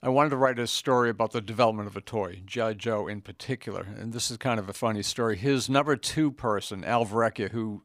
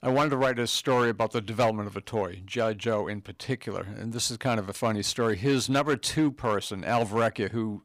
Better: first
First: none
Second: distortion; slight; 4% of the sound clipped

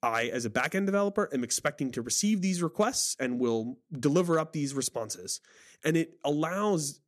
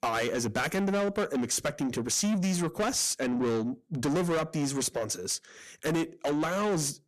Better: first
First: none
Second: distortion; heavy; 7 dB below the speech

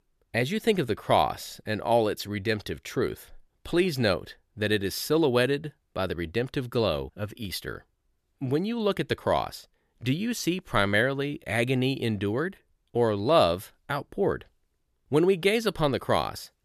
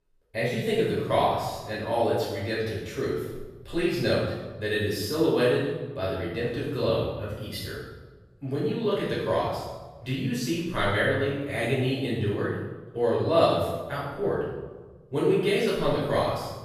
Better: first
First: none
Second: off-mic speech; far // room echo; strong; dies away in 1 s

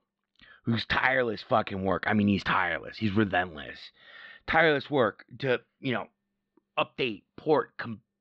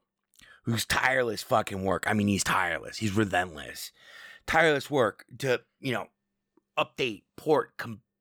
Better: second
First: muffled; slightly; fading above 4 kHz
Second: none

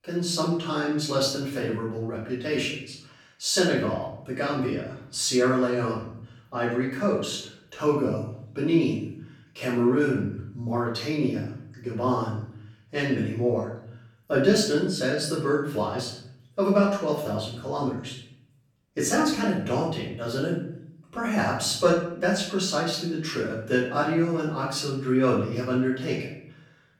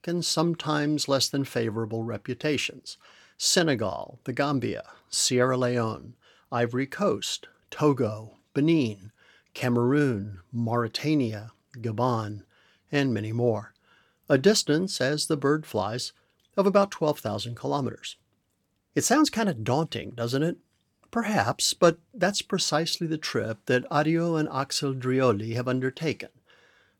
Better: second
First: room echo; noticeable; dies away in 0.6 s // off-mic speech; far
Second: none

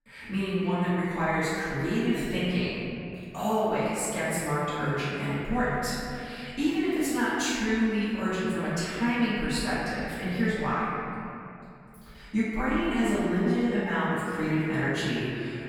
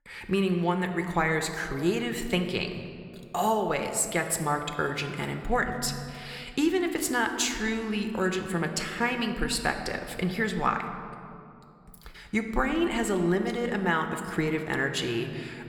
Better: second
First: room echo; strong; dies away in 2.7 s // off-mic speech; far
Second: room echo; slight; dies away in 1.8 s

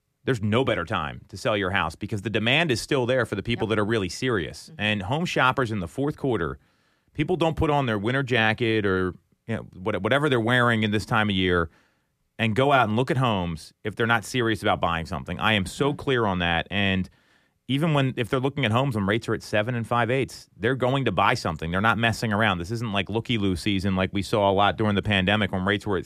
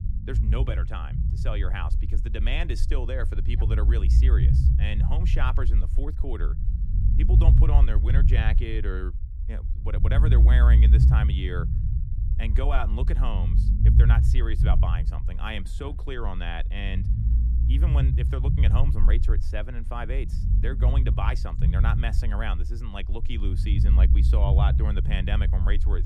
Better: first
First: none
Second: low rumble; loud; throughout; 5 dB below the speech

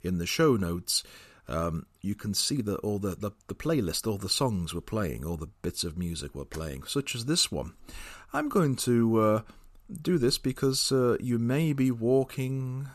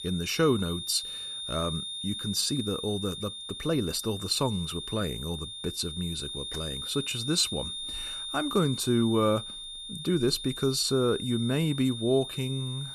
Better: first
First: none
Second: high-pitched whine; loud; throughout; 3.5 kHz, 6 dB below the speech

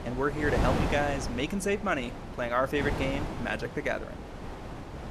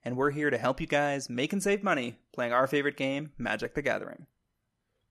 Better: second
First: wind noise on the microphone; heavy; 7 dB below the speech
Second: none

